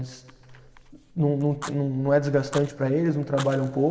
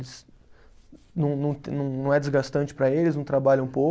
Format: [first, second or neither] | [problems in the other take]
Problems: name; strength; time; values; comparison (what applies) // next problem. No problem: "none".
second | background sound (Fire); 18 dB below the speech // room echo; dies away in 1.9 s